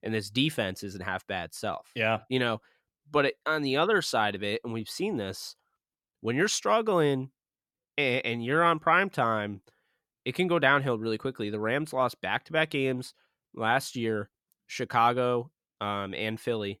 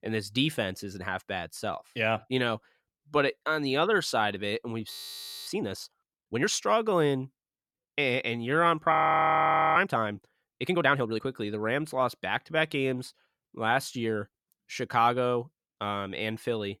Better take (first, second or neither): first